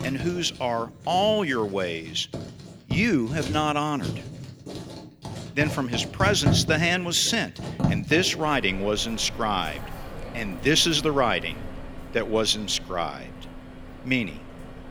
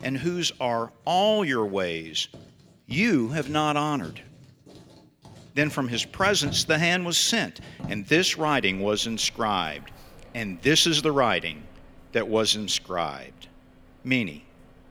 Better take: second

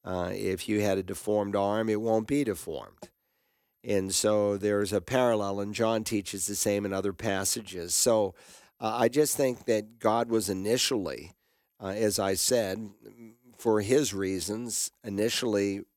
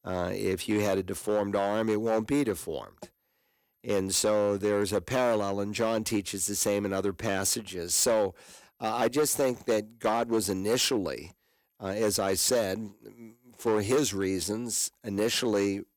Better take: first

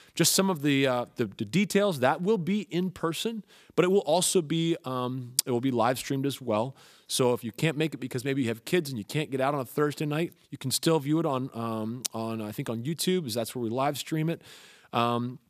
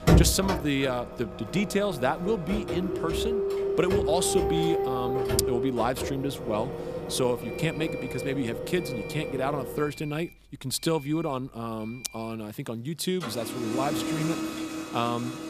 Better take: first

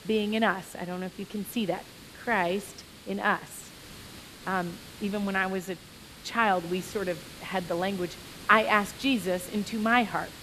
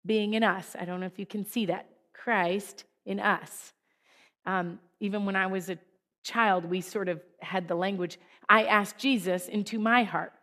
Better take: second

